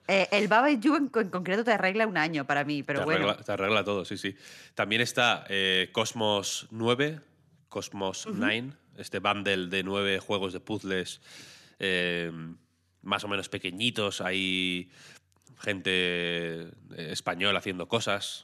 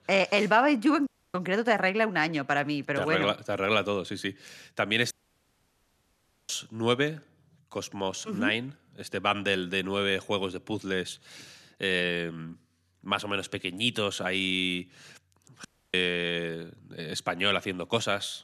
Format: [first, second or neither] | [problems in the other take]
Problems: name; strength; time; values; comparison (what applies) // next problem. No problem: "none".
first | audio cutting out; at 1 s, at 5 s for 1.5 s and at 16 s